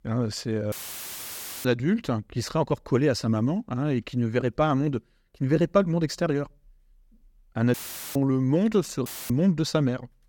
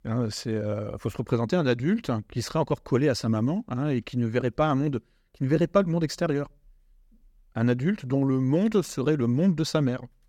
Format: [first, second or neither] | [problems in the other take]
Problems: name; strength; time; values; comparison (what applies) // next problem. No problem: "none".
second | audio cutting out; filled with static; at 0.5 s for 1 s, at 7.5 s and at 9 s